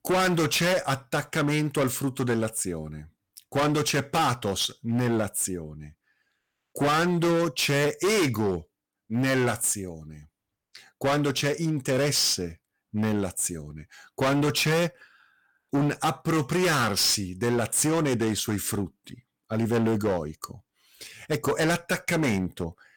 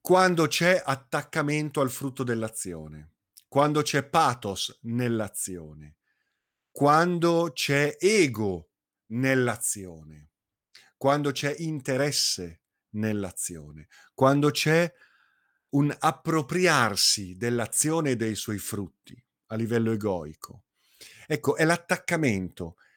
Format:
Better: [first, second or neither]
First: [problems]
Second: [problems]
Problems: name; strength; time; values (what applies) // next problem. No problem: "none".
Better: second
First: distortion; heavy; 14% of the sound clipped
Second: none